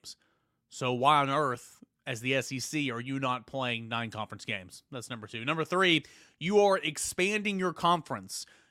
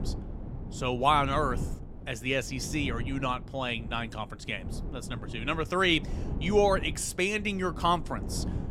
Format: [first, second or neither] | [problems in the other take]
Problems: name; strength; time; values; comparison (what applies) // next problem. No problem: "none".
first | wind noise on the microphone; occasional gusts; 20 dB below the speech